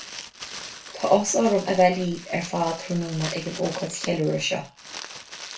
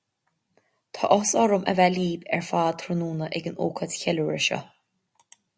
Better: second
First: background sound (Crumpling, crinkling); 14 dB below the speech // room echo; dies away in 0.2 s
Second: none

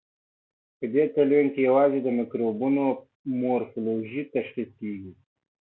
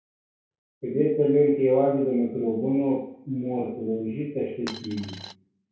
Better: first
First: none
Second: background sound (Coin (dropping)); 15 dB below the speech // room echo; dies away in 0.6 s

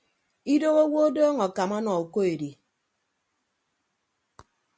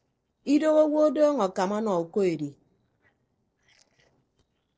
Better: first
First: none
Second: noise reduction (neural separator model SepFormer DNS4)

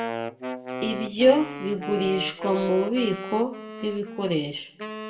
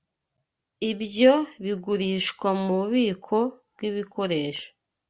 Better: second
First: background sound (Wind instrument, woodwind instrument); 8 dB below the speech // room echo; dies away in 0.5 s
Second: none

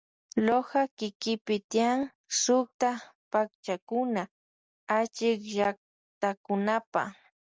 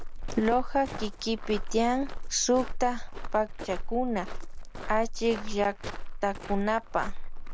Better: first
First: none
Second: background sound (Walk, footsteps); 3 dB below the speech

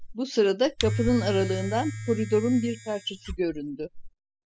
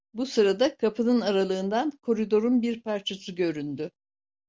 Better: second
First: noise reduction (classical method spectral subtraction)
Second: none

